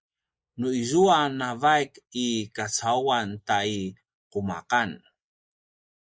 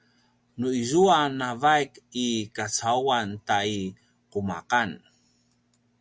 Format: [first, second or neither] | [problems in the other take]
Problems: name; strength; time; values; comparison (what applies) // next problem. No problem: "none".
second | noise reduction (neural mask model Resemble Enhance denoiser)